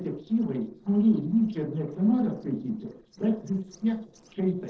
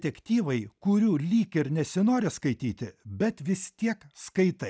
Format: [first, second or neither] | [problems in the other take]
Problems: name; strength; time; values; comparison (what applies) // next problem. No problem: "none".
second | noise reduction (neural separator model SepFormer DNS4)